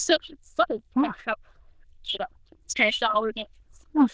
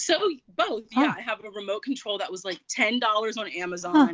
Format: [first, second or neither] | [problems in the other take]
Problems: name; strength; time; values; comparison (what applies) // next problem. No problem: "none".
second | noise reduction (neural diffusion model UNIVERSE++)